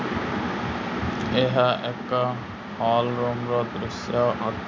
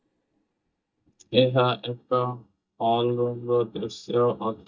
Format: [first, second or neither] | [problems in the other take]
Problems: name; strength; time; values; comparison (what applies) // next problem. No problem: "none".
first | noise reduction (neural mask model DeepFilterNet 3)